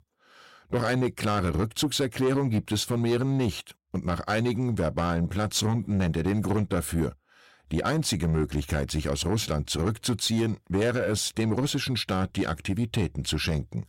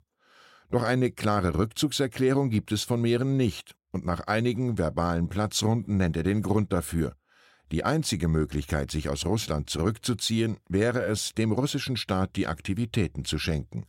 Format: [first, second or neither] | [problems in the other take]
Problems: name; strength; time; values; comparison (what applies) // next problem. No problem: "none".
second | distortion; slight; 10 dB below the speech